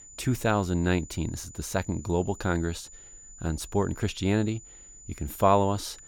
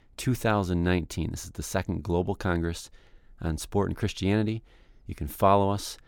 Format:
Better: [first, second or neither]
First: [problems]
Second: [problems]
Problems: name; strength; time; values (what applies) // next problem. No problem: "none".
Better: second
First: high-pitched whine; noticeable; throughout; 7 kHz, 20 dB below the speech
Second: none